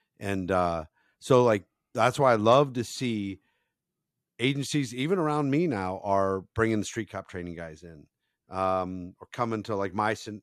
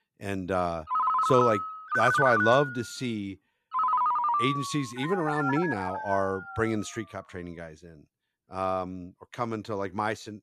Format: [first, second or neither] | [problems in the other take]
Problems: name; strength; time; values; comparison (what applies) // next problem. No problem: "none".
first | phone ringing; loud; from 1 to 6.5 s; peak 5 dB above the speech